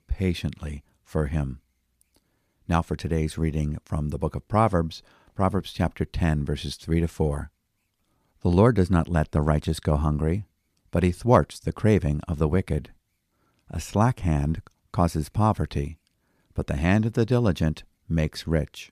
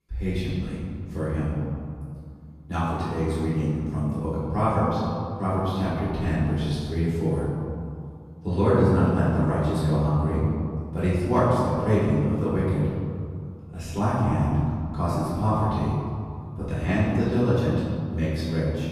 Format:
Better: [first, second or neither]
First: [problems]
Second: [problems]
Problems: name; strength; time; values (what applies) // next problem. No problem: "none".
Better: first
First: none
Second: off-mic speech; far // room echo; strong; dies away in 2.2 s